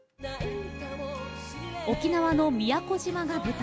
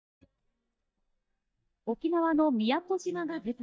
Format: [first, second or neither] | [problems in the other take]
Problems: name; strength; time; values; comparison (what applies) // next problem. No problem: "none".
first | noise reduction (neural mask model DeepFilterNet 3)